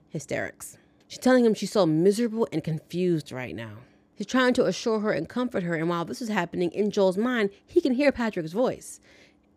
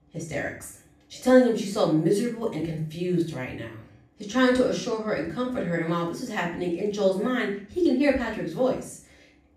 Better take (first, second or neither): first